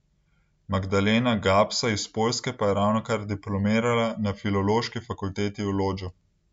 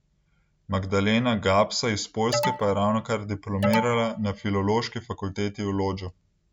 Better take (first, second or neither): first